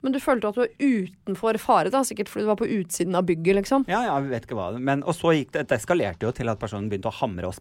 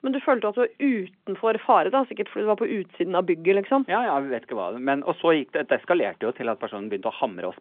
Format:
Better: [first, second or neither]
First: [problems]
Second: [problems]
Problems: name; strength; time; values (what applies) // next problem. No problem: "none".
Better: first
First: none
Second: phone-call audio